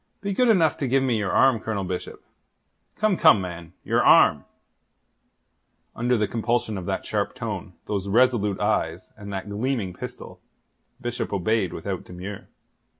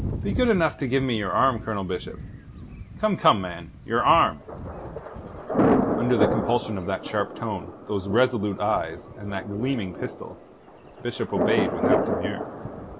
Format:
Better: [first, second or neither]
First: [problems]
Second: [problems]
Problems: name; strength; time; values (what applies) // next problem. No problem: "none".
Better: first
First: none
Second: background sound (Thunder); 3 dB below the speech